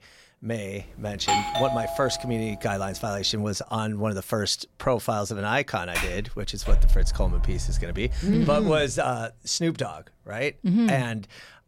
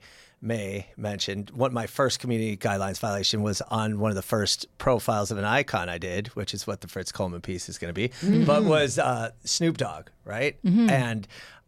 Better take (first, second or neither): second